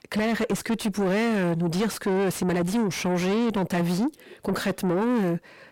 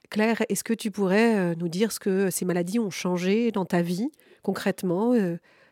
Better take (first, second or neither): second